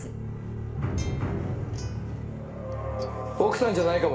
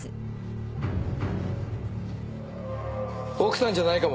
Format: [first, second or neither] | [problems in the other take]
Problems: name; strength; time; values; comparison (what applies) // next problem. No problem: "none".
second | background sound (Acoustic guitar); 19 dB below the speech // room echo; dies away in 0.4 s